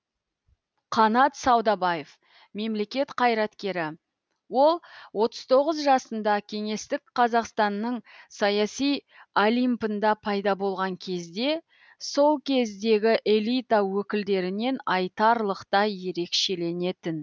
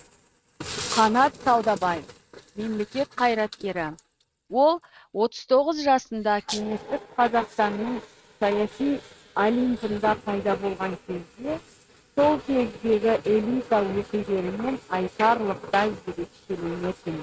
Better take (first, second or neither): first